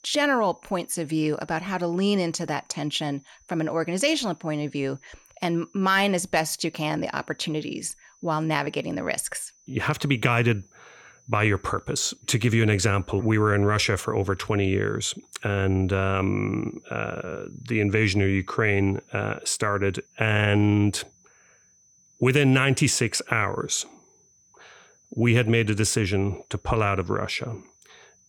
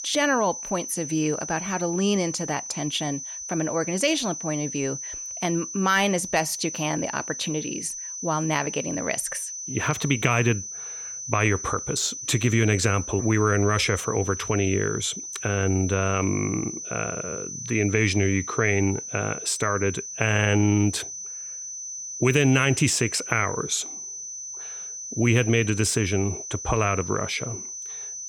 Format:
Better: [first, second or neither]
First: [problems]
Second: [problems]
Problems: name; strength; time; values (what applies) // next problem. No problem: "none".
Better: first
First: high-pitched whine; faint; throughout; 6 kHz, 35 dB below the speech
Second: high-pitched whine; loud; throughout; 6 kHz, 8 dB below the speech